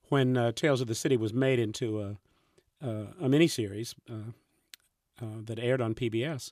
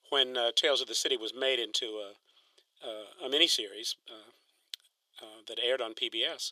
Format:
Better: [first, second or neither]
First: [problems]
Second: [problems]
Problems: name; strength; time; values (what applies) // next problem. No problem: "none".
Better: first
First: none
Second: thin; very; fading below 450 Hz